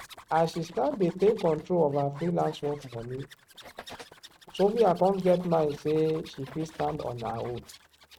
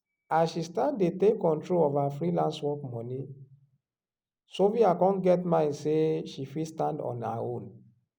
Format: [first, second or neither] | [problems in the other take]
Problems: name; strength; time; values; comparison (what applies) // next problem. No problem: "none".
second | noise reduction (neural mask model RNNoise)